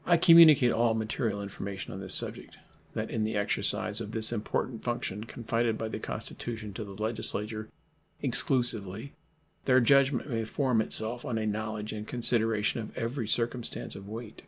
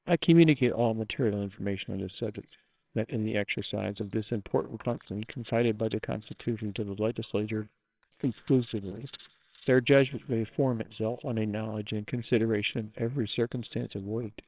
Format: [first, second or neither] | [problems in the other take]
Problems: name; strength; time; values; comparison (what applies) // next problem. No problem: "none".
first | noise reduction (neural separator model SepFormer WHAMR!)